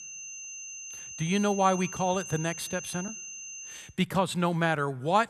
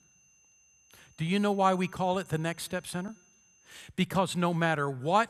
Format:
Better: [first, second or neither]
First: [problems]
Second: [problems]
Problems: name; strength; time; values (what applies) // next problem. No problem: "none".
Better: second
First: high-pitched whine; loud; until 4 s; 6.5 kHz, 10 dB below the speech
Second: high-pitched whine; faint; until 4 s; 6.5 kHz, 30 dB below the speech